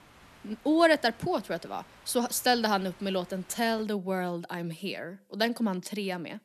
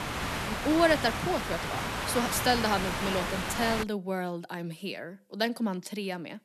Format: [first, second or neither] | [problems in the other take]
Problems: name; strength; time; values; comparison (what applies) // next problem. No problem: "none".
first | hiss; loud; until 4 s; 2 dB below the speech; faint in the first